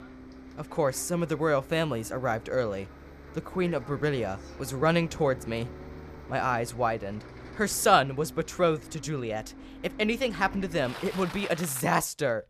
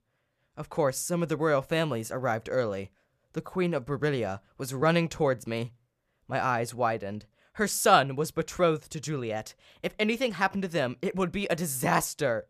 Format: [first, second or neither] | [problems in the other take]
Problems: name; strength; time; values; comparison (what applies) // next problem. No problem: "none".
second | traffic noise; noticeable; throughout; 15 dB below the speech